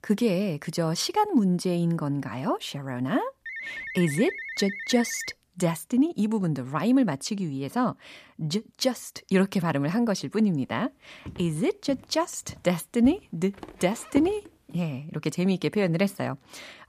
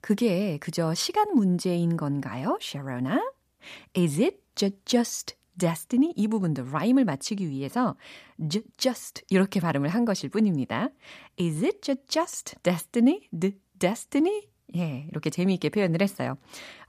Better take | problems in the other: second | phone ringing; noticeable; from 3.5 to 5.5 s; peak 7 dB below the speech // footsteps; noticeable; from 11 to 14 s; peak 8 dB below the speech

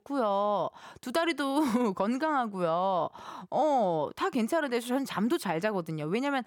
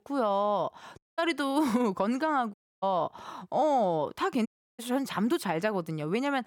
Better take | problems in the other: first | audio cutting out; at 1 s, at 2.5 s and at 4.5 s

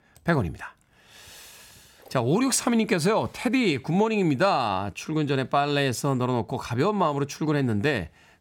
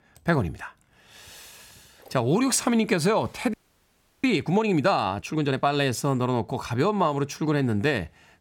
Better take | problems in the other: first | audio freezing; at 3.5 s for 0.5 s

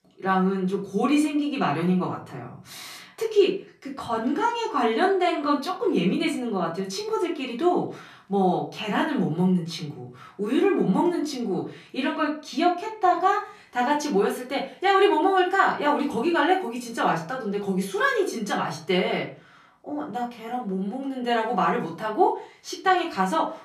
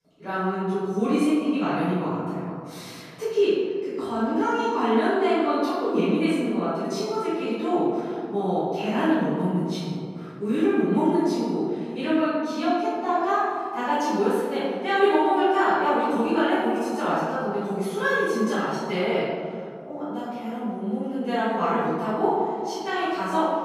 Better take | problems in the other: first | room echo; strong; dies away in 2.3 s; slight in the first // off-mic speech; far; far in the first

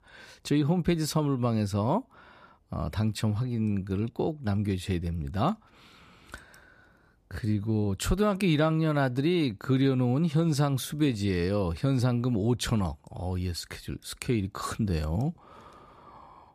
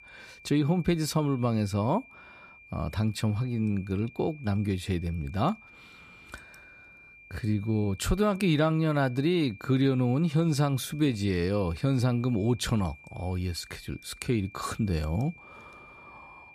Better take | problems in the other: first | high-pitched whine; faint; throughout; 2.5 kHz, 20 dB below the speech

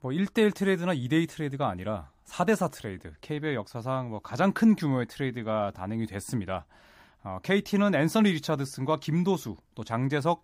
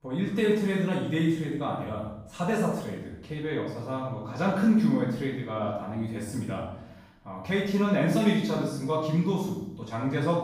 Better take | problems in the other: first | off-mic speech; far // room echo; noticeable; dies away in 0.7 s

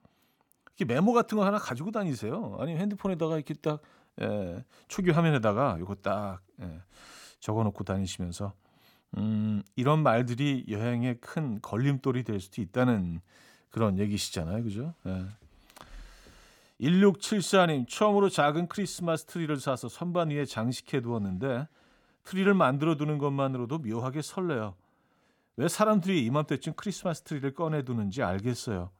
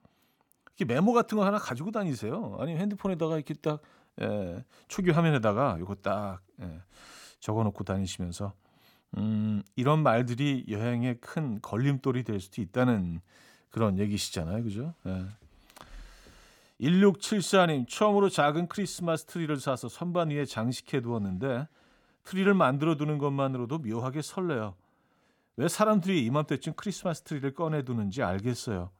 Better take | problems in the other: neither | none

